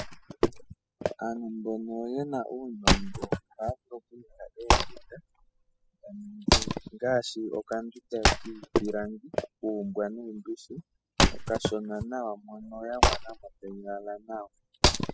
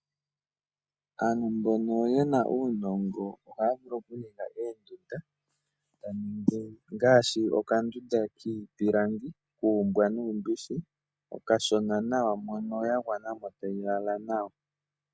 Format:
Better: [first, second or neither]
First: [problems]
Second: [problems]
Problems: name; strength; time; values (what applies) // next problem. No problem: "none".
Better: second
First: noise reduction (classical method spectral subtraction)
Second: none